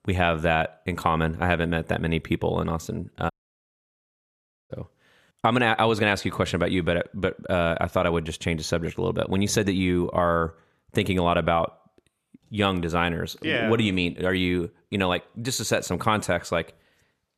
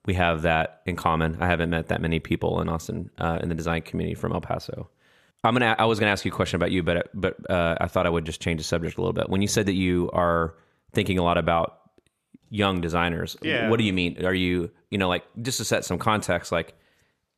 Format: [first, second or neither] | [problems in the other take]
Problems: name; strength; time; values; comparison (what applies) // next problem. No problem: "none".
second | audio cutting out; at 3.5 s for 1.5 s